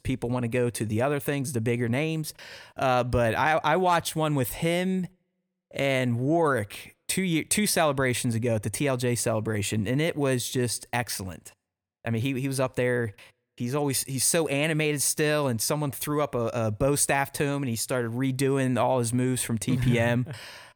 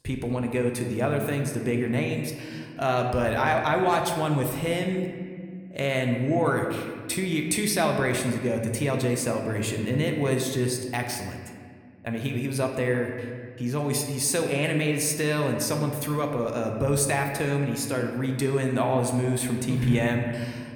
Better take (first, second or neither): first